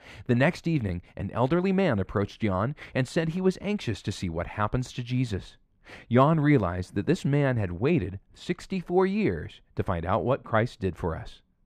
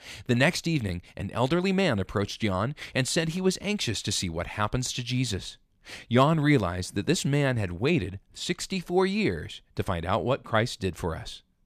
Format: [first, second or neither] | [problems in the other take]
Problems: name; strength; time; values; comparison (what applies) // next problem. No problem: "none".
second | muffled; slightly; fading above 2.5 kHz